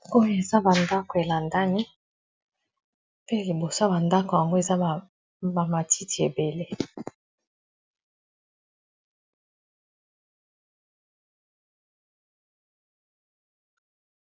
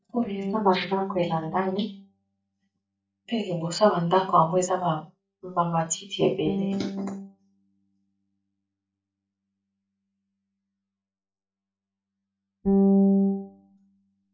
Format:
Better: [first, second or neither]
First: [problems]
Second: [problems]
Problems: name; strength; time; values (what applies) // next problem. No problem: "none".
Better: first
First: none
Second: noise reduction (neural mask model DeepFilterNet 3)